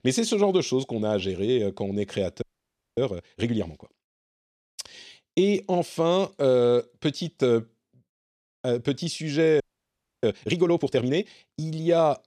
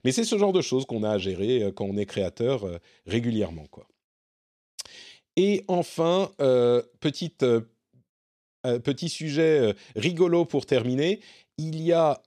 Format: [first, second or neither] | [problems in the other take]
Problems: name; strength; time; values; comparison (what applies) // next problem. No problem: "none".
second | audio freezing; at 2.5 s for 0.5 s and at 9.5 s for 0.5 s